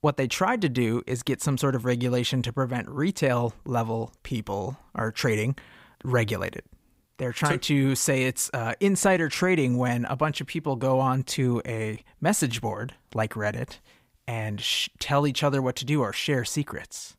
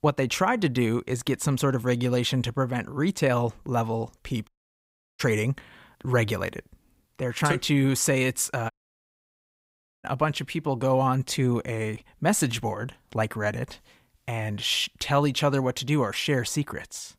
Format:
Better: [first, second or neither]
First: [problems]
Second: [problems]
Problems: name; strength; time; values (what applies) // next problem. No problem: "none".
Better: first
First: none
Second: audio cutting out; at 4.5 s for 0.5 s and at 8.5 s for 1.5 s